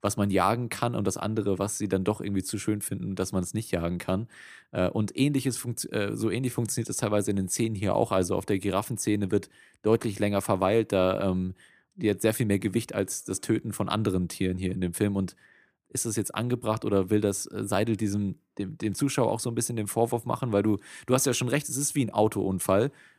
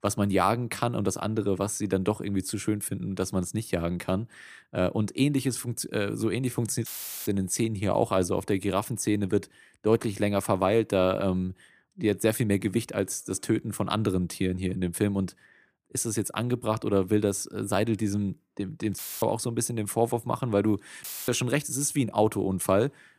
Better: first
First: none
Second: audio cutting out; filled with static; at 7 s, at 19 s and at 21 s

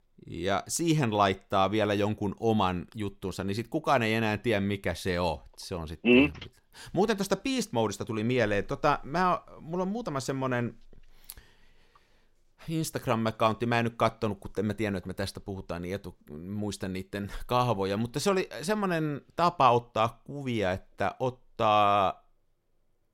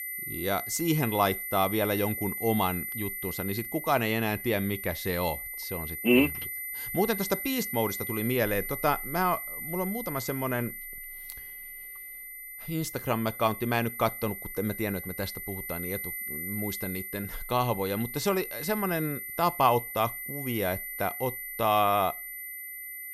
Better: first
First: none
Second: high-pitched whine; loud; throughout; 2 kHz, 6 dB below the speech

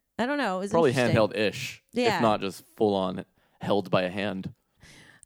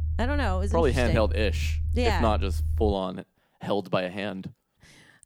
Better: first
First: none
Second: low rumble; noticeable; until 3 s; 20 dB below the speech

